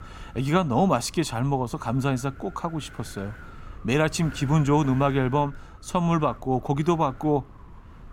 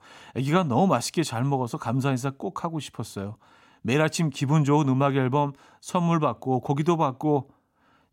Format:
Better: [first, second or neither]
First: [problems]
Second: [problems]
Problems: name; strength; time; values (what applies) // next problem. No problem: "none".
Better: second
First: wind noise on the microphone; occasional gusts; 20 dB below the speech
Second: none